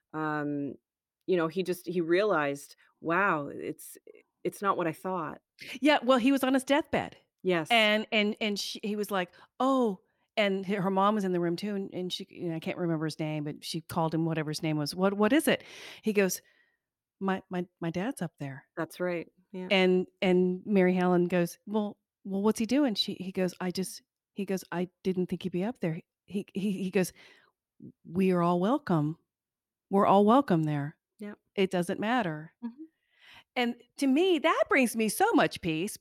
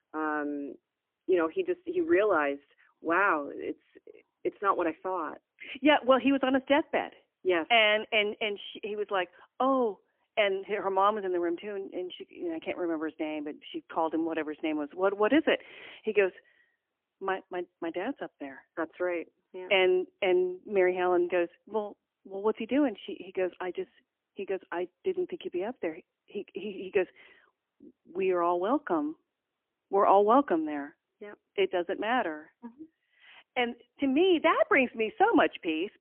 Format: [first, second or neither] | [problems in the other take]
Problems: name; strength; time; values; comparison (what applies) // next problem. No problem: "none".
first | phone-call audio; poor line; nothing above 3 kHz